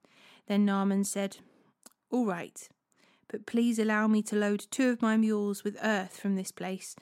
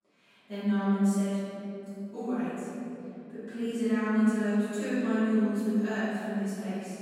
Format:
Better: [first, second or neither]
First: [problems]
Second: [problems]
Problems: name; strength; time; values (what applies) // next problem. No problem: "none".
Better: first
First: none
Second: off-mic speech; far // room echo; strong; dies away in 3 s